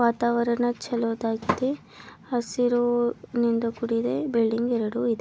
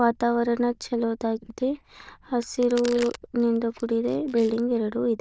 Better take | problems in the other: first | noise reduction (neural diffusion model UNIVERSE++)

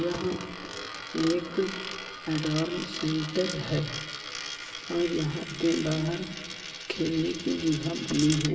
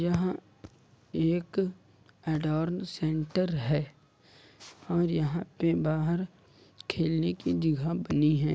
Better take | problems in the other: second | background sound (Coin (dropping)); 8 dB below the speech // room echo; dies away in 1.3 s

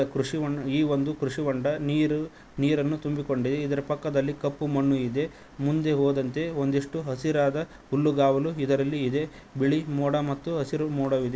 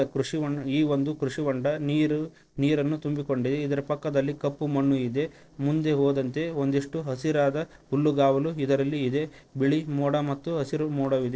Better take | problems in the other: first | noise reduction (neural separator model SepFormer DNS4)

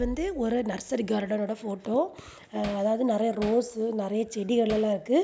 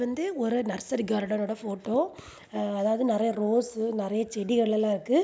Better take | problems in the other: second | background sound (Bass drum + Hammer); 17 dB below the speech

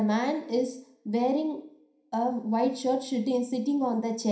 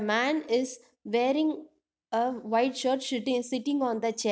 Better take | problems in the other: second | room echo; dies away in 0.5 s

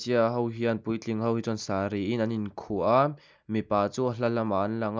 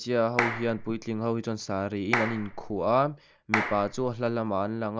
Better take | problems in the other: first | background sound (Clapping); 6 dB below the speech

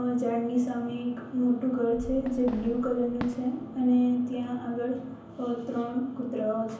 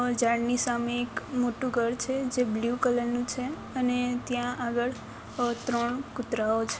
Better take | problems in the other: second | background sound (Fireworks); 15 dB below the speech // room echo; dies away in 0.7 s

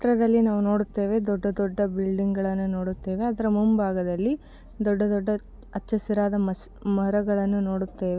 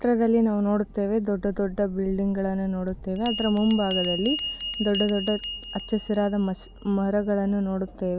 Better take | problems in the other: first | background sound (Bell); 12 dB below the speech

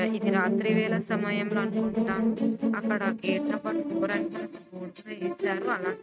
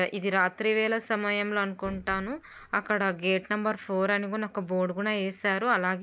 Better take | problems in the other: second | noise reduction (neural mask model RNNoise)

